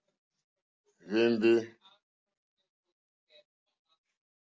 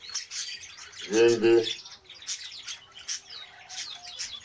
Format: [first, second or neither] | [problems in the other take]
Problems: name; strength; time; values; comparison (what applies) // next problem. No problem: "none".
first | background sound (Chirp, tweet); 9 dB below the speech // room echo; dies away in 0.2 s